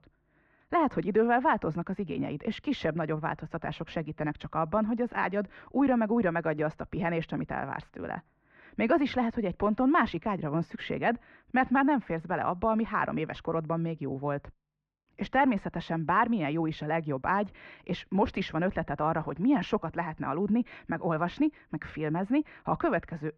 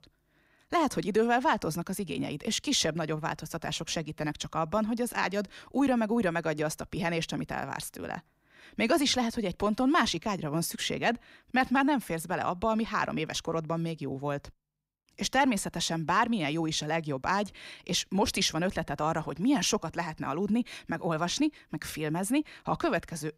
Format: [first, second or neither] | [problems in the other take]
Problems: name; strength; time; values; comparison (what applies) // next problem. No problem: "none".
second | muffled; very; fading above 2 kHz